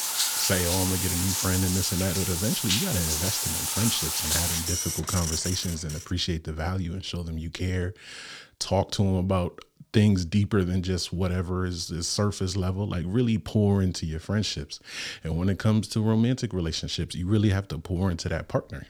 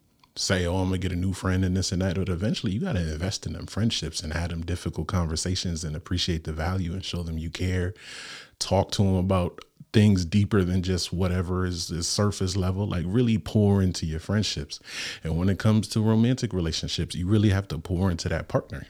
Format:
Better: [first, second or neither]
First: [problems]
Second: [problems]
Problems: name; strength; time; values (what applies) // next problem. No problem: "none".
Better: second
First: household noises; very loud; until 6 s; 1 dB above the speech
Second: none